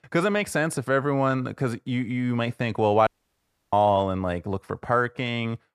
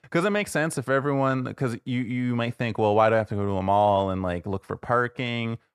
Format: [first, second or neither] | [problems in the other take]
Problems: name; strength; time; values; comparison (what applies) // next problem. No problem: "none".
second | audio cutting out; at 3 s for 0.5 s